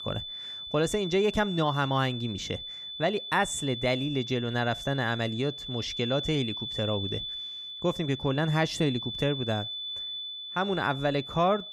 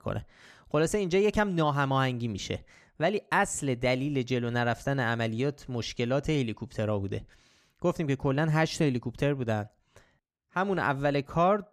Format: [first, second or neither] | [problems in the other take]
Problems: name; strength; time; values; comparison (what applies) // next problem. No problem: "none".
second | high-pitched whine; loud; throughout; 3.5 kHz, 7 dB below the speech